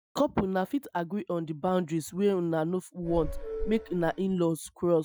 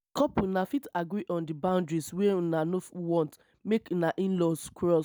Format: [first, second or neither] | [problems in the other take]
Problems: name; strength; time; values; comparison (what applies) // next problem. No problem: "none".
second | noise reduction (classical method Wiener filter)